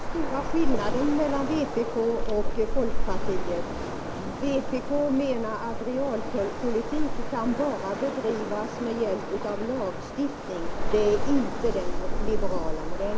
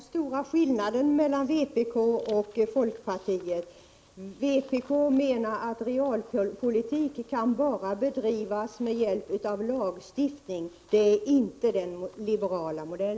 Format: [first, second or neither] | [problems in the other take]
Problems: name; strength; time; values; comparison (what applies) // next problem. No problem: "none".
second | background sound (Waves, surf); 2 dB above the speech